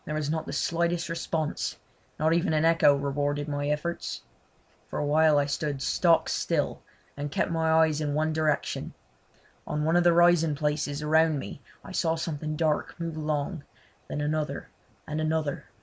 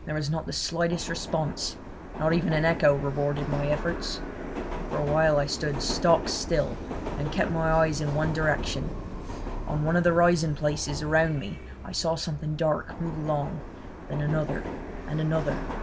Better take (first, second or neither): first